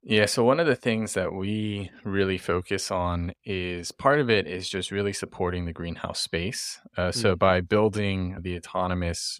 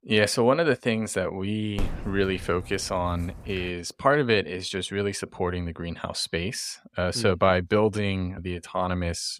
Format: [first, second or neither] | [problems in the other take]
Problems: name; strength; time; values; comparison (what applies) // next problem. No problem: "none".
first | dog barking; noticeable; from 2 to 3.5 s; peak 8 dB below the speech